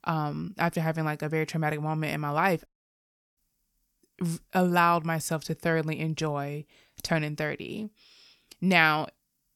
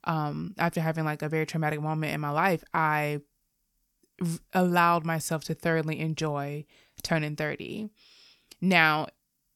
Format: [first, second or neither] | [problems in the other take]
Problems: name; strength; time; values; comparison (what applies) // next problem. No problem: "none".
second | audio cutting out; at 2.5 s for 0.5 s